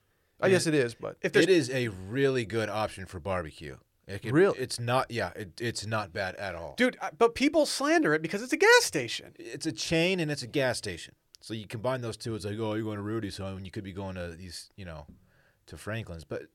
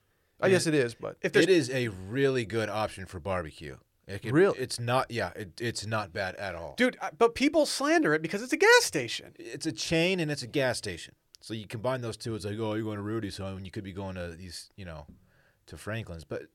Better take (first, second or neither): neither